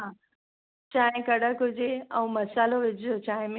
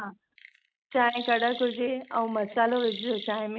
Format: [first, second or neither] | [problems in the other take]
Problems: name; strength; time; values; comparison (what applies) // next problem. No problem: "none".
first | noise reduction (neural mask model RNNoise)